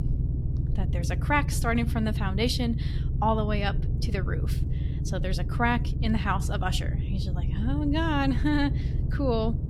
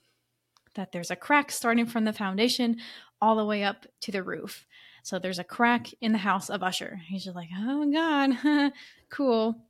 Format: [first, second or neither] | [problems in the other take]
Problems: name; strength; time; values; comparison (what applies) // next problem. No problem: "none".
second | low rumble; noticeable; throughout; 15 dB below the speech